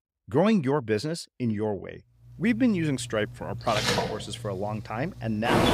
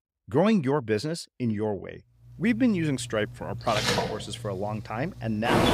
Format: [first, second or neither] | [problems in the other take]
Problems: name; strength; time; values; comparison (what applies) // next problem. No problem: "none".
neither | rain or running water; loud; from 2.5 s on; 4 dB below the speech; the same in both